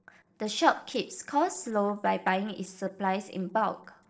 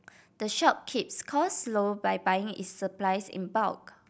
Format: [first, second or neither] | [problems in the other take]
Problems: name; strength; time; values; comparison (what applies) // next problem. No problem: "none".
second | noise reduction (neural separator model SepFormer DNS4)